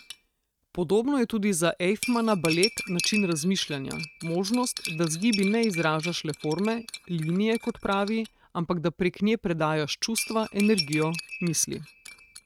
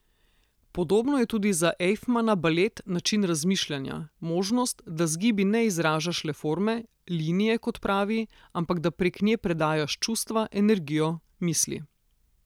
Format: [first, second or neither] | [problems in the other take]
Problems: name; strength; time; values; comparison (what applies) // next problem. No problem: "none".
second | noise reduction (neural mask model RNNoise)